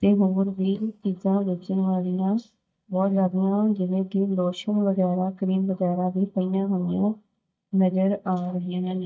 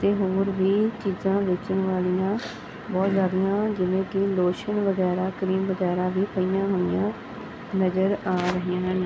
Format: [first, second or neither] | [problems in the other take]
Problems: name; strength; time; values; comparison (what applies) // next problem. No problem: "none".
second | noise reduction (neural mask model DeepFilterNet 3)